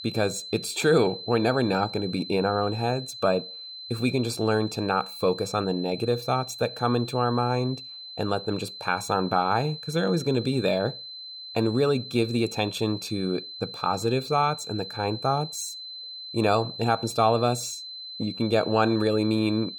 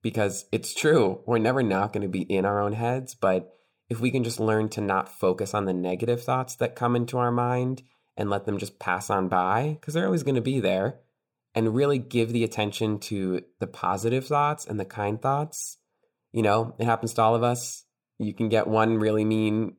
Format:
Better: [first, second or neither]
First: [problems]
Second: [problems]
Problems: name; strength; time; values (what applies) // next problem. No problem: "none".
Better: second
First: high-pitched whine; noticeable; throughout; 4 kHz, 10 dB below the speech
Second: none